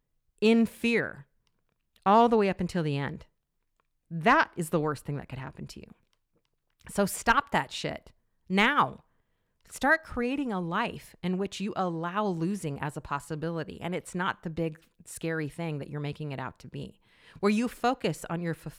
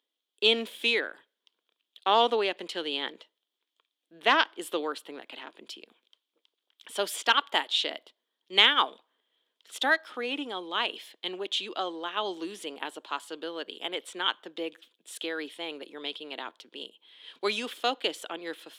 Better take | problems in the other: first | thin; somewhat; fading below 300 Hz

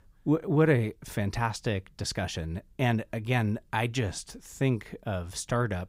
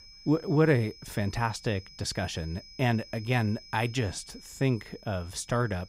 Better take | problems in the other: first | high-pitched whine; noticeable; throughout; 5 kHz, 20 dB below the speech

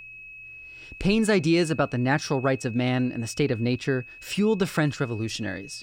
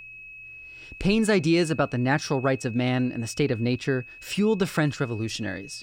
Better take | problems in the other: neither | high-pitched whine; noticeable; throughout; 2.5 kHz, 15 dB below the speech; the same in both

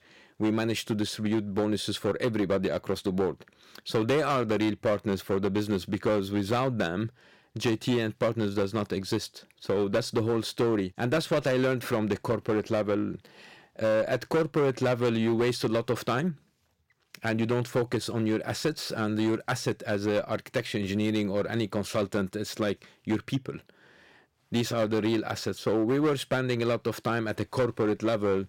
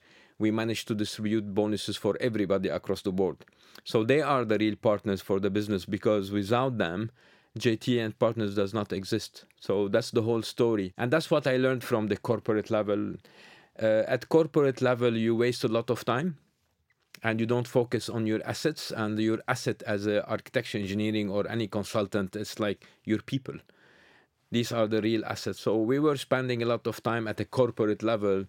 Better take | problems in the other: second | distortion; slight; 9% of the sound clipped

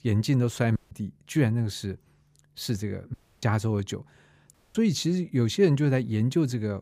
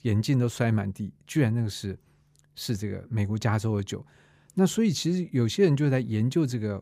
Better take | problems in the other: second | audio cutting out; at 1 s, at 3 s and at 4.5 s

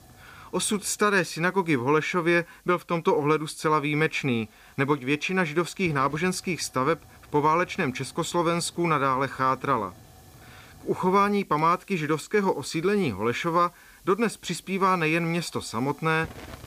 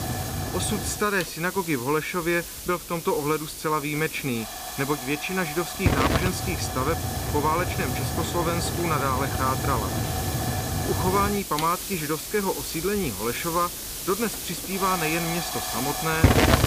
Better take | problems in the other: first | hiss; loud; throughout; 1 dB below the speech; faint in the first

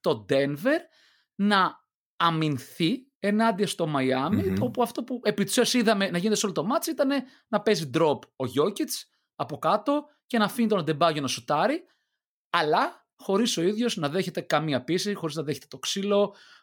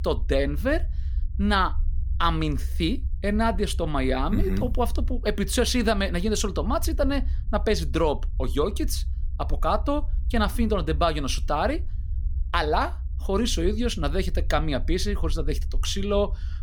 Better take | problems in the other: first | low rumble; faint; throughout; 25 dB below the speech

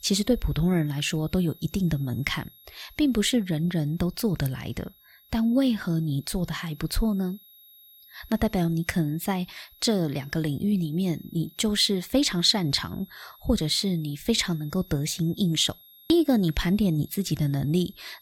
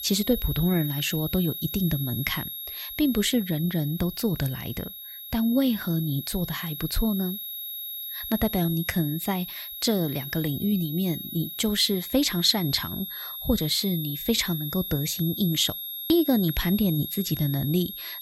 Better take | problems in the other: first | high-pitched whine; loud; throughout; 11.5 kHz, 7 dB below the speech; faint in the first

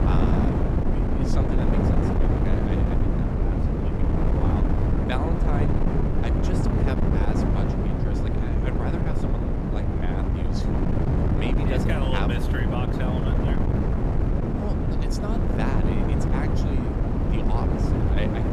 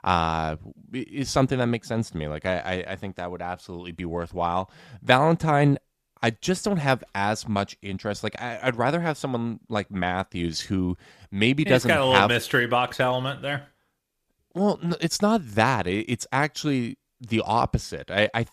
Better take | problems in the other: second | wind noise on the microphone; heavy; 5 dB above the speech

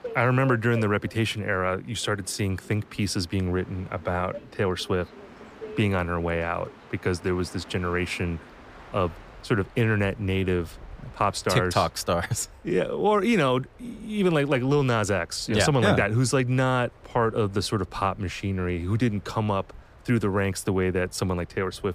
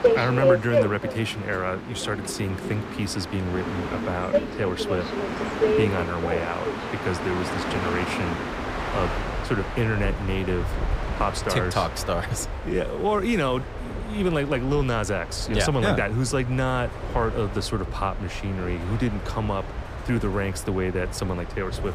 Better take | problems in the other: first | train or aircraft noise; loud; throughout; 3 dB below the speech; faint in the first

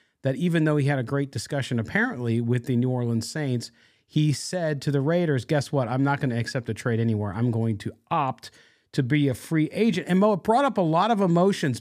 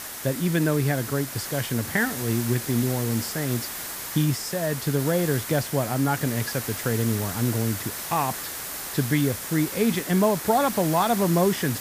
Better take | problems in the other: first | hiss; loud; throughout; 6 dB below the speech

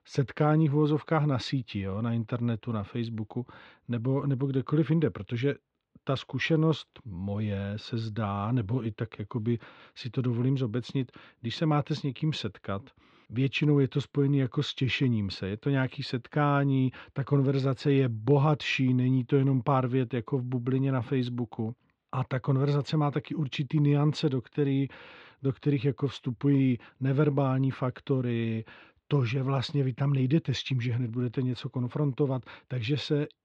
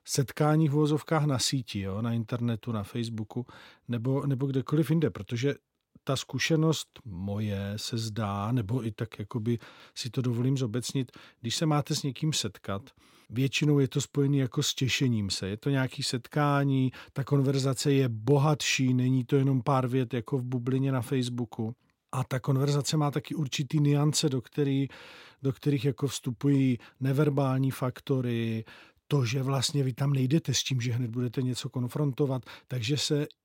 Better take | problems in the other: second | muffled; slightly; fading above 3.5 kHz

